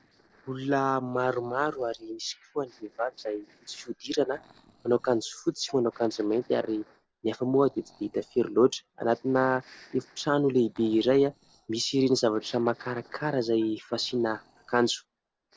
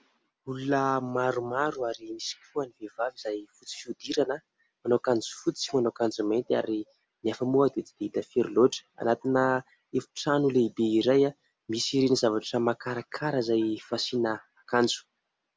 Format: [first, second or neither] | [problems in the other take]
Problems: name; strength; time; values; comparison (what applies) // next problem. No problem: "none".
second | noise reduction (neural separator model SepFormer DNS4)